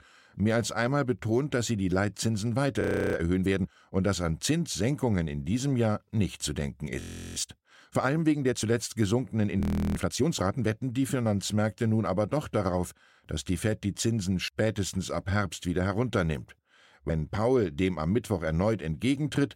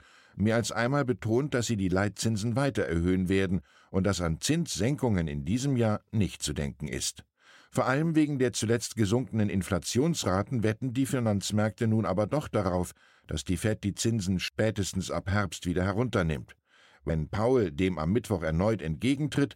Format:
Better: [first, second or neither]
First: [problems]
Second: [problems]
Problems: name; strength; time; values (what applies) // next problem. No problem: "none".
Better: second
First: audio freezing; at 3 s, at 7 s and at 9.5 s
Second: none